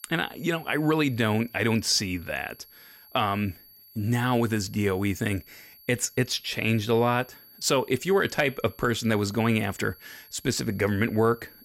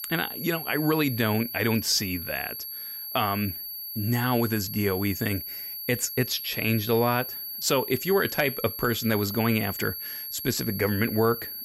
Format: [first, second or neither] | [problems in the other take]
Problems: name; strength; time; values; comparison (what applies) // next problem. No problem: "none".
first | high-pitched whine; loud; throughout; 11.5 kHz, 7 dB below the speech; faint in the first